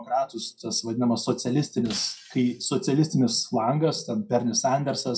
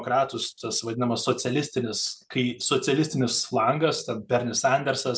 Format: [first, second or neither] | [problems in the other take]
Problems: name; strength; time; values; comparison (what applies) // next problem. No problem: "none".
second | noise reduction (classical method WPE with log-MMSE)